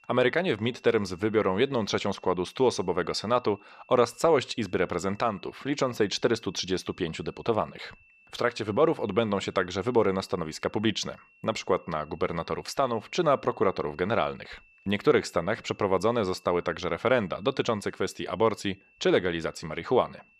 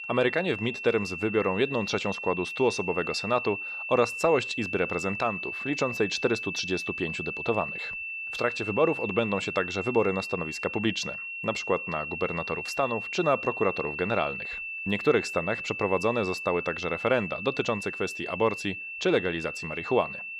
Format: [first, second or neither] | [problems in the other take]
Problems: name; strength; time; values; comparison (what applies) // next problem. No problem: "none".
first | high-pitched whine; loud; throughout; 2.5 kHz, 5 dB below the speech; faint in the first